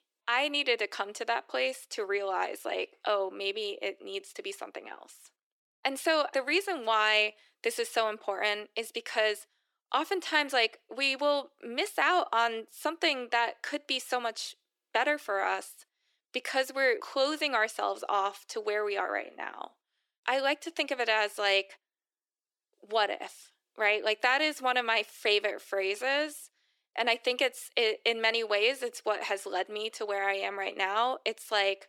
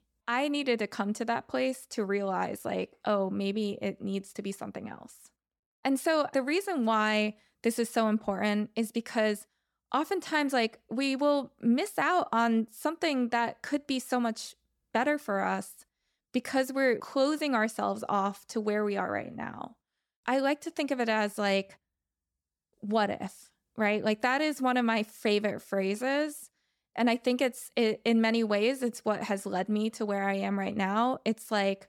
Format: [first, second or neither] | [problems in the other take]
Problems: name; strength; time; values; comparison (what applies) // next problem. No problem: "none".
second | thin; very; fading below 350 Hz